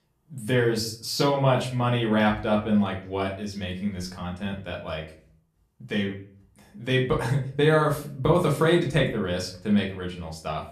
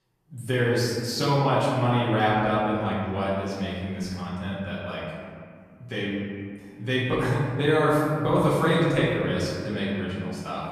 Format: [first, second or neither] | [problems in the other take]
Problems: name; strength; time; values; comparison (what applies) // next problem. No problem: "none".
first | room echo; strong; dies away in 2 s; slight in the first // off-mic speech; far; far in the first